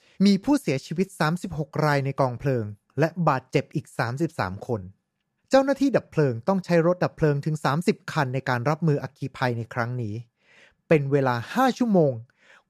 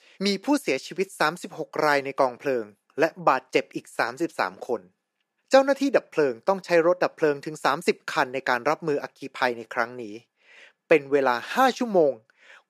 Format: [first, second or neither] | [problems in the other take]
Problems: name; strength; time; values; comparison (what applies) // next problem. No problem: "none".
first | thin; somewhat; fading below 300 Hz